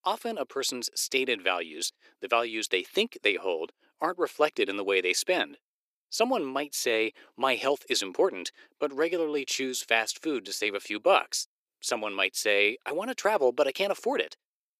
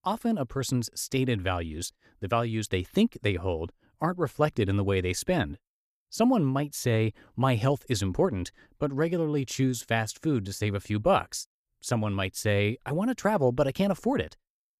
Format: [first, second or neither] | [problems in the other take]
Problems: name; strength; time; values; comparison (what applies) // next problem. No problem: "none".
second | thin; somewhat; fading below 350 Hz